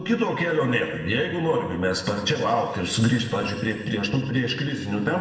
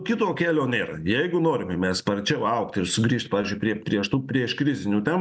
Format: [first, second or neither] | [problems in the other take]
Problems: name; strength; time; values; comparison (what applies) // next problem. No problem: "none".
second | room echo; dies away in 1.9 s